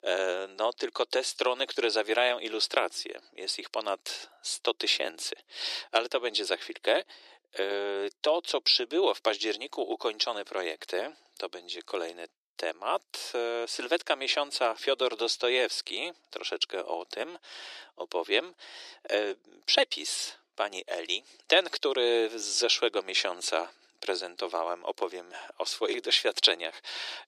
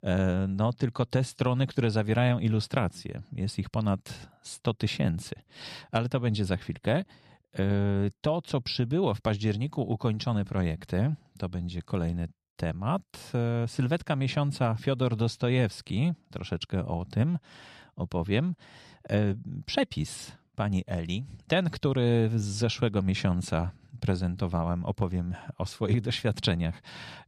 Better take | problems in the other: second | thin; very; fading below 350 Hz

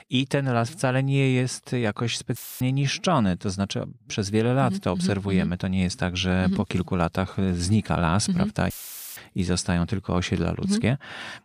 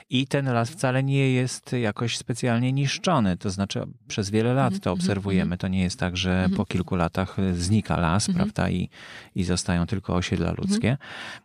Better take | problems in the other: second | audio cutting out; filled with static; at 2.5 s and at 8.5 s

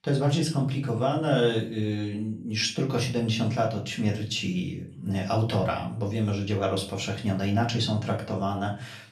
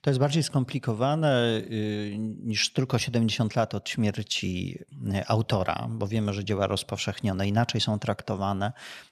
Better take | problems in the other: second | room echo; slight; dies away in 0.4 s // off-mic speech; far

